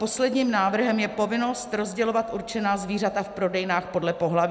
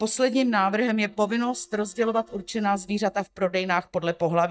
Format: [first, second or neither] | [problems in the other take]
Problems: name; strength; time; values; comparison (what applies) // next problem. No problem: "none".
first | noise reduction (neural mask model DeepFilterNet 3)